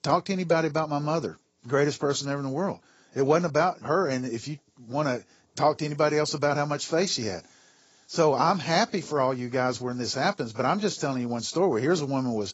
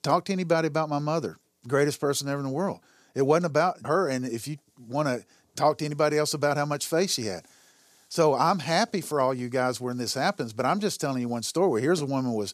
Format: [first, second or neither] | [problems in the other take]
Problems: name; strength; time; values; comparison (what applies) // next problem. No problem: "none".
second | garbled, watery; badly; nothing above 7.5 kHz